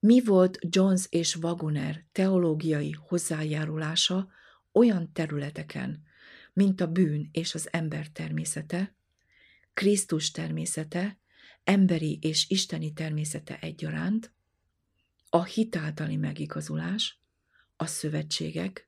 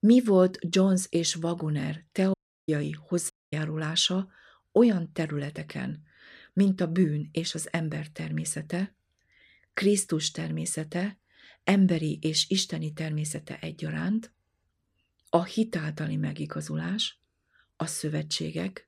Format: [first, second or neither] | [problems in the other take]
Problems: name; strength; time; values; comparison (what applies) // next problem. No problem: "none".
first | audio cutting out; at 2.5 s and at 3.5 s